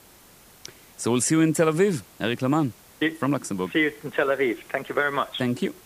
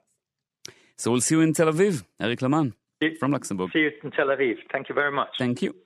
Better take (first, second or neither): second